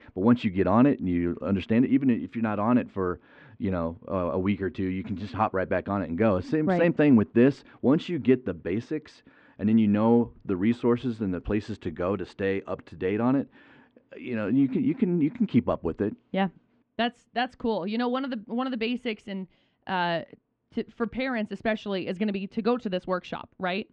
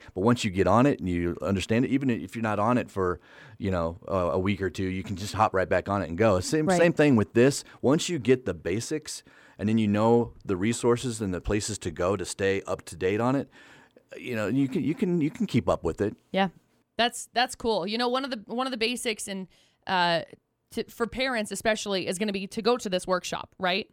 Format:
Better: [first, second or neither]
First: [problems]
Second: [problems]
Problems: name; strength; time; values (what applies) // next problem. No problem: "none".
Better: second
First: muffled; slightly; fading above 3 kHz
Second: none